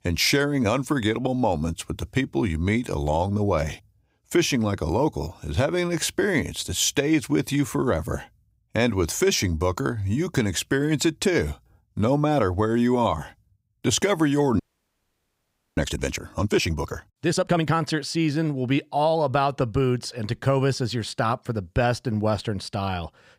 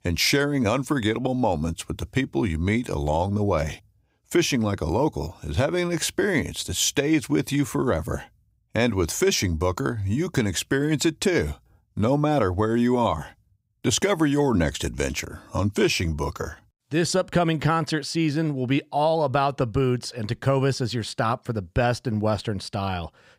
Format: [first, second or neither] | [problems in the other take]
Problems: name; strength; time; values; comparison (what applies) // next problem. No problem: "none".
second | audio freezing; at 15 s for 1 s